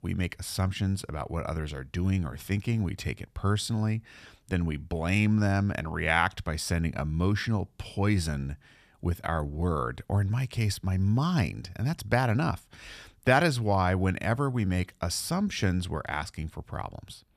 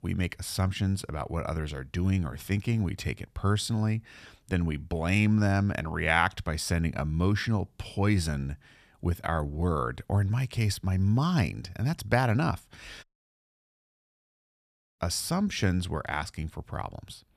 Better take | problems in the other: first | audio cutting out; at 13 s for 2 s

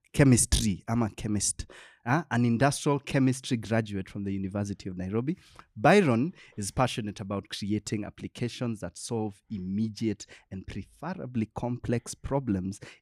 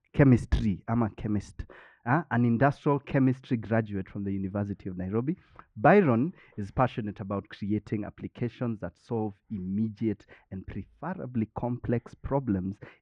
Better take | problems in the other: first | muffled; very; fading above 1.5 kHz

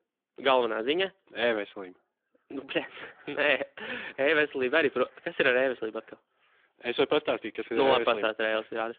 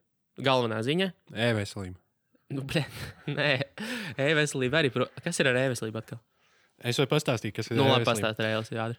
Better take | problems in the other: second | phone-call audio

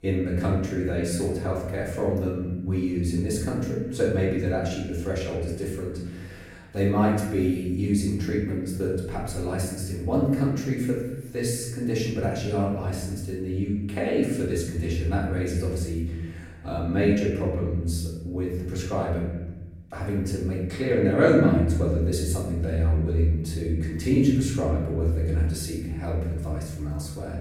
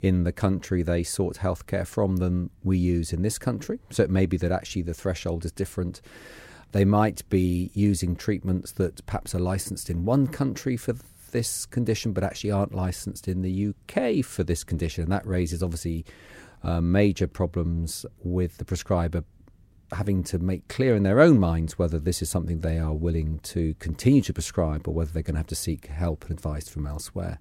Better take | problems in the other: second | off-mic speech; far // room echo; noticeable; dies away in 1.1 s

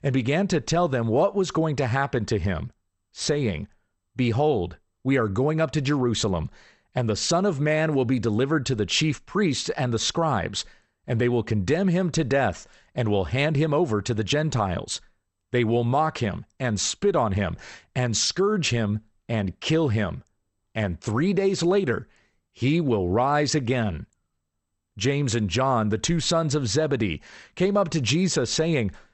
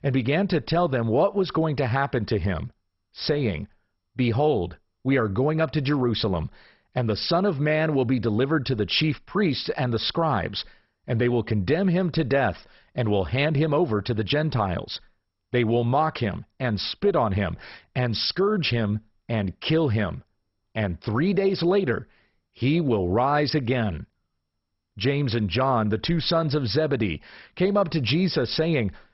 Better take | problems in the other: first | garbled, watery; badly; nothing above 5.5 kHz; slightly in the first

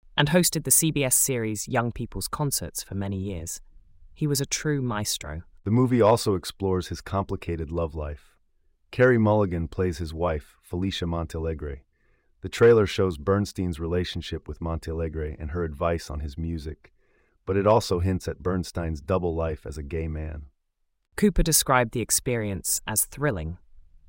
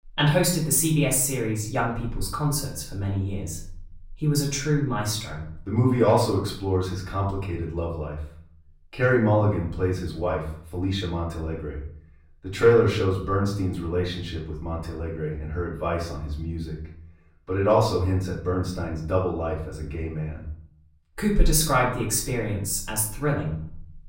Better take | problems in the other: first | room echo; slight; dies away in 0.5 s // off-mic speech; far

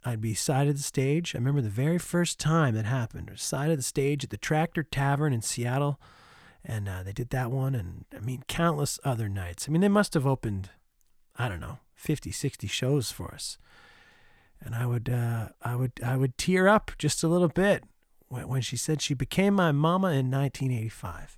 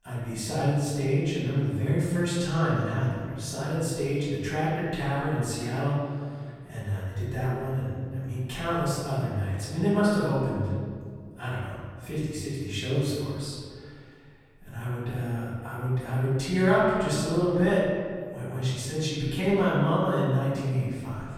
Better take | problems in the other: first | off-mic speech; far // room echo; strong; dies away in 1.8 s

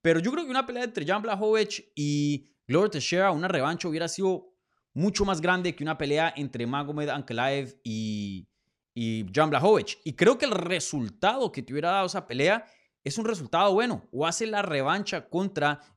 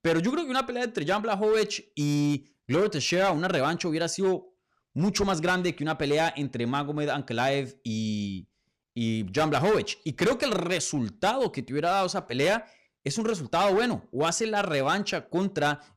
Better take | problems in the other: first | distortion; slight; 7% of the sound clipped

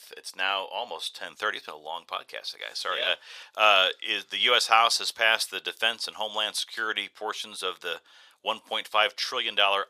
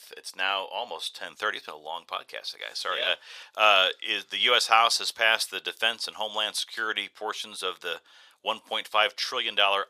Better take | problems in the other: neither | thin; very; fading below 800 Hz; the same in both

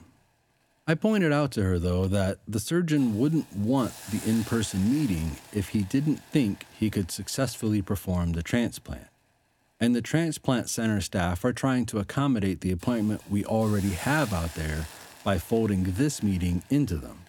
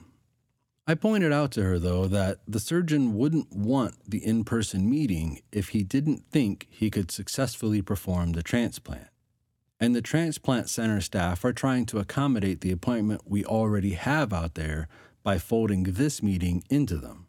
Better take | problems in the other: second | hiss; noticeable; throughout; 15 dB below the speech

